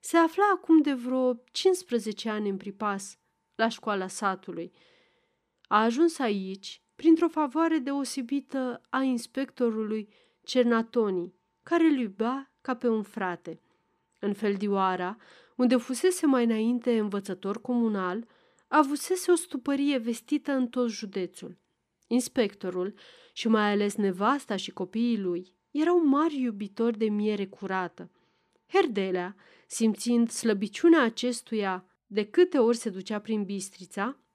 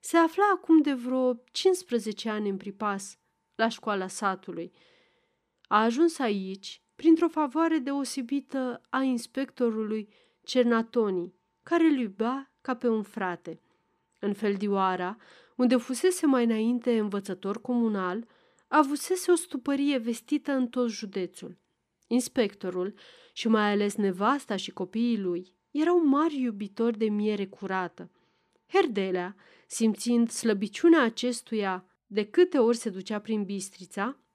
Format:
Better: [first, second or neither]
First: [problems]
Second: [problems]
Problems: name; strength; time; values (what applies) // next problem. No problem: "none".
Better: neither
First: none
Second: none